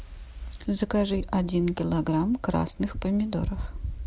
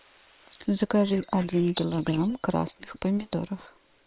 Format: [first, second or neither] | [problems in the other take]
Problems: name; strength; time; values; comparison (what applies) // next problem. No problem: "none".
first | noise reduction (neural separator model SepFormer WHAM!)